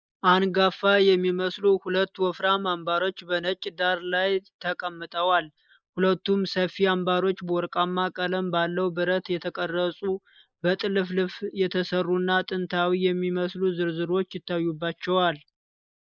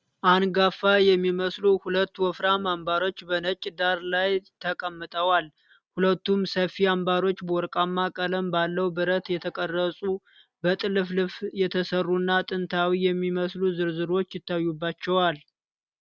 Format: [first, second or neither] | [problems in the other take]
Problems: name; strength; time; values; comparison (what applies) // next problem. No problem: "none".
second | noise reduction (neural mask model Resemble Enhance denoiser)